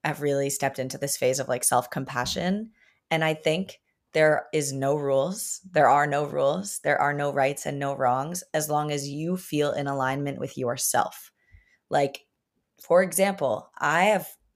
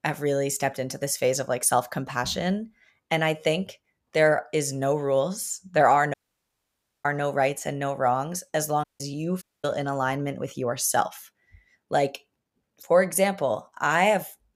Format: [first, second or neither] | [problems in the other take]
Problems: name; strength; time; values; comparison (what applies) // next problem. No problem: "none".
first | audio cutting out; at 6 s for 1 s, at 9 s and at 9.5 s